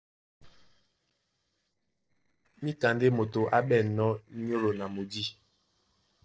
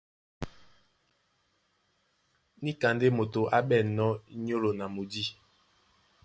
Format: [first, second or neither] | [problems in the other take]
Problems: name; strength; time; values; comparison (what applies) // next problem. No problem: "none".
second | noise reduction (neural separator model SepFormer DNS4)